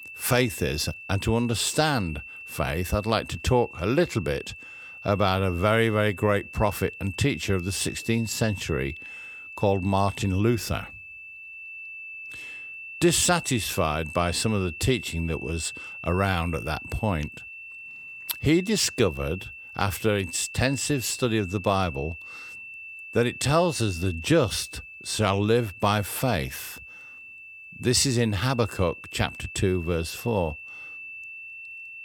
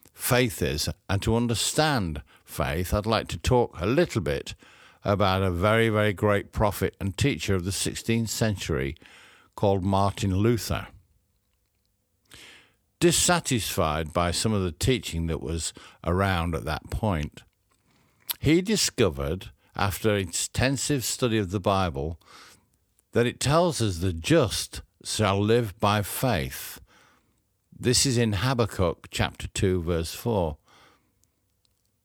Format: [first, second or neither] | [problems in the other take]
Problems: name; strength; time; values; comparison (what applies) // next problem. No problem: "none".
second | high-pitched whine; noticeable; throughout; 2.5 kHz, 15 dB below the speech